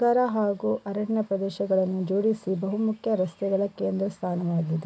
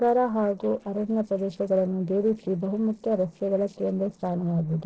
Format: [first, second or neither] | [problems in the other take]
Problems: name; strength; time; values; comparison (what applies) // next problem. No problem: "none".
first | noise reduction (neural separator model SepFormer DNS4)